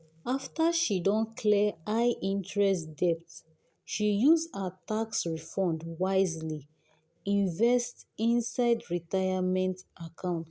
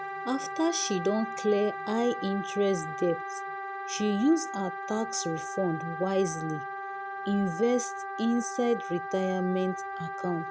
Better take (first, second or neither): first